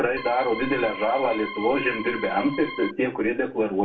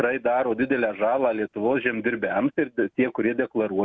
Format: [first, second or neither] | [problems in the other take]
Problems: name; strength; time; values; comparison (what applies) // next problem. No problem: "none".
second | background sound (Organ); 11 dB below the speech // room echo; dies away in 0.3 s